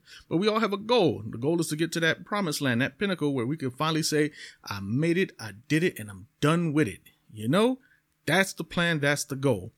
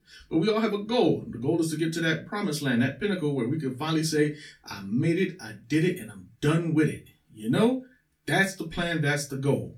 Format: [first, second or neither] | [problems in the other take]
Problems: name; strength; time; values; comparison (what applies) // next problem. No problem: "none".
first | off-mic speech; far // room echo; very slight; dies away in 0.2 s